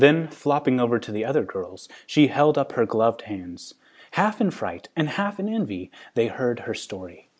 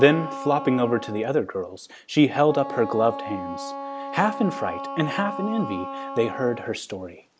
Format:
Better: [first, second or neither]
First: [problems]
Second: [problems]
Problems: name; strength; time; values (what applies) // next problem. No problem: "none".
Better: first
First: none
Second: background sound (Wind instrument, woodwind instrument); 10 dB below the speech